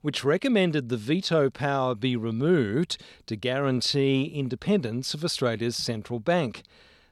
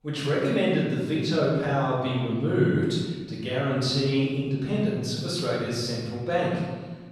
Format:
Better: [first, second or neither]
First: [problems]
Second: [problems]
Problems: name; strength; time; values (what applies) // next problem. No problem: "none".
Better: first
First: none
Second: room echo; noticeable; dies away in 1.2 s // off-mic speech; far